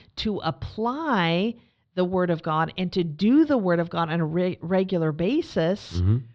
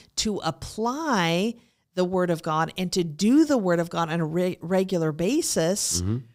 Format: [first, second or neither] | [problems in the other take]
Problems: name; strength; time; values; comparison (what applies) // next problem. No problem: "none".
second | muffled; slightly; fading above 4 kHz